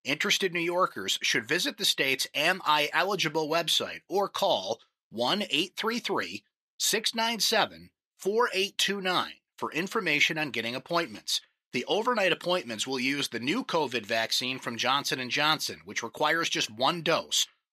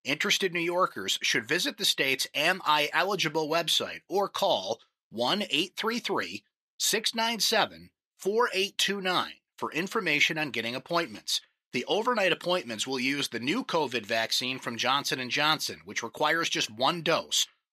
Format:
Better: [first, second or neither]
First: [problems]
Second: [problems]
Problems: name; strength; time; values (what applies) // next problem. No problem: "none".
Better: neither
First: thin; somewhat; fading below 550 Hz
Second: thin; somewhat; fading below 550 Hz